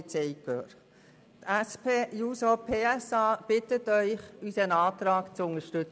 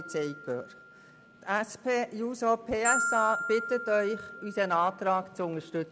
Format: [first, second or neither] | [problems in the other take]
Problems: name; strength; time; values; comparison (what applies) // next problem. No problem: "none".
first | background sound (Glockenspiel); 7 dB below the speech